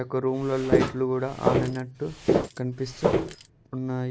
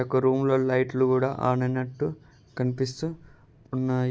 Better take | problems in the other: second | background sound (Walk, footsteps); 2 dB above the speech

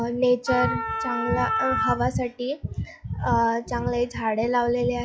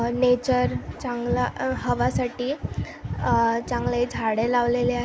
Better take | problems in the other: second | noise reduction (classical method log-MMSE)

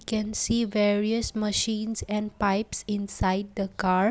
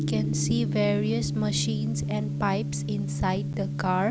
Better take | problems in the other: first | background sound (Gong); 1 dB below the speech

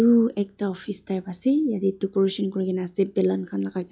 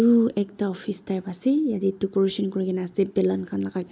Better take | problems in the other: second | noise reduction (classical method log-MMSE)

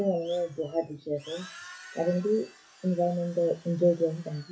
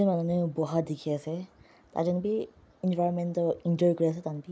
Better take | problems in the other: second | noise reduction (classical method WPE with log-MMSE)

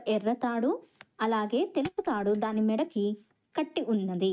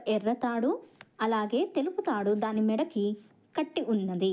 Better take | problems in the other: second | noise reduction (neural mask model RNNoise)

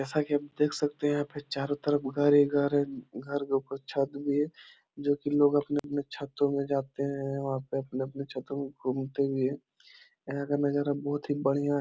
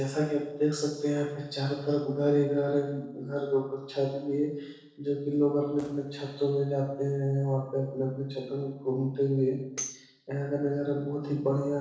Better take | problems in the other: first | noise reduction (neural separator model SepFormer DNS4)

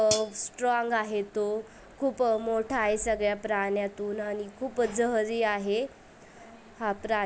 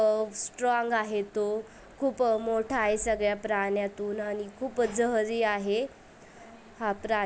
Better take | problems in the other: second | background sound (Hi-hat); 4 dB below the speech

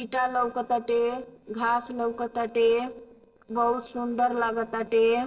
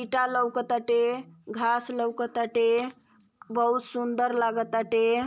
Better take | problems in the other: second | noise reduction (neural separator model SepFormer DNS4)

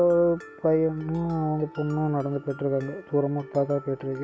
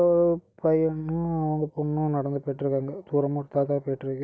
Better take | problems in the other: second | background sound (Mallet percussion); 20 dB below the speech

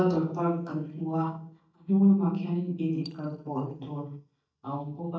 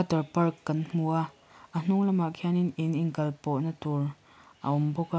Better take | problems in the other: second | noise reduction (neural mask model DeepFilterNet 3)

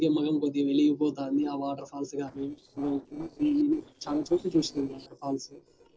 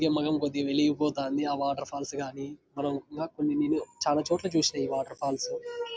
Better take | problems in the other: second | noise reduction (neural separator model SepFormer DNS4)

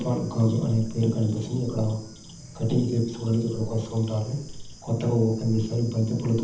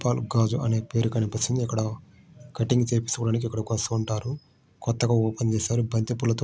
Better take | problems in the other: second | background sound (Bird / Insect); 16 dB below the speech // room echo; dies away in 0.8 s

